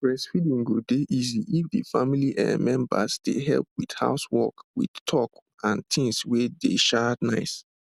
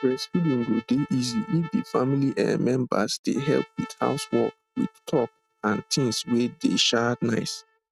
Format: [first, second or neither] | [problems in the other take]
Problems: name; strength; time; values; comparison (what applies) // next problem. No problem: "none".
first | noise reduction (neural mask model RNNoise)